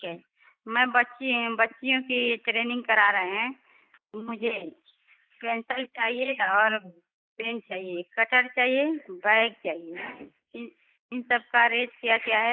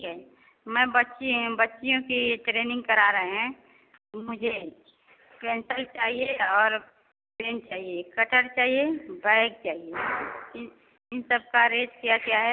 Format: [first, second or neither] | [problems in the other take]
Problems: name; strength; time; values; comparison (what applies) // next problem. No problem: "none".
second | noise reduction (neural mask model Resemble Enhance denoiser)